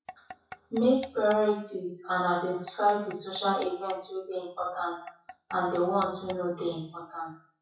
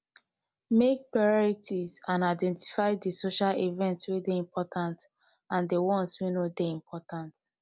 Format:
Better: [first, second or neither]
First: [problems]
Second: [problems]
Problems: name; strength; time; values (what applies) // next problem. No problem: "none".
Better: second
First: noise reduction (classical method WPE with log-MMSE)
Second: none